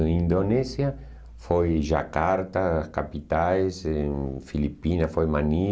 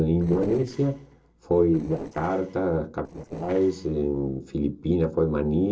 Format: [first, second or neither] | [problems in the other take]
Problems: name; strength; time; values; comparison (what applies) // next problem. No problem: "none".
first | noise reduction (neural separator model SepFormer DNS4)